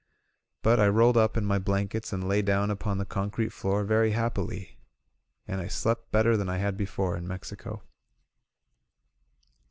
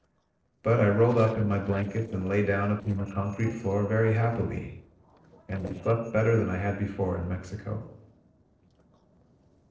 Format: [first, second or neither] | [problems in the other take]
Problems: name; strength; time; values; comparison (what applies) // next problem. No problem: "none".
first | noise reduction (neural separator model SepFormer DNS4)